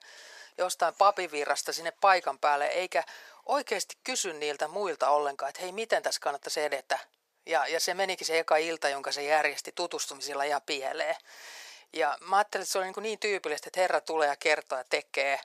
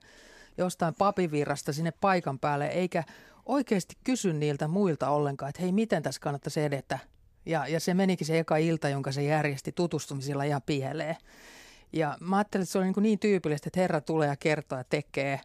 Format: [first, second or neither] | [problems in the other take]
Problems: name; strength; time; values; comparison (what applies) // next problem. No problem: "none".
second | thin; very; fading below 600 Hz